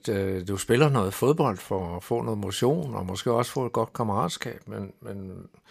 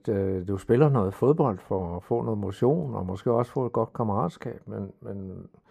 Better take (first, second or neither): first